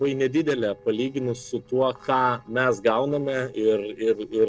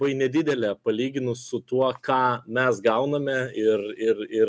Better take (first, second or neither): second